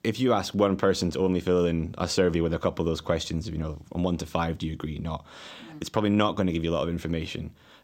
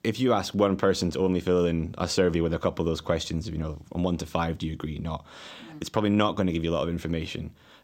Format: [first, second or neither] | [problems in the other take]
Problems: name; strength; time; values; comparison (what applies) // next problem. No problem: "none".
neither | none